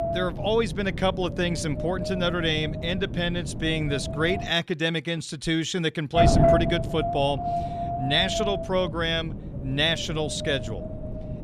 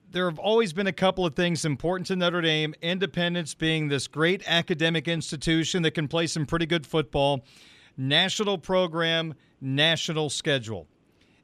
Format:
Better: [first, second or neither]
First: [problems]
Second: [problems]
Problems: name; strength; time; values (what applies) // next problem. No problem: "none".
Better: second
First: wind noise on the microphone; heavy; until 4.5 s and from 6 s on; 2 dB below the speech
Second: none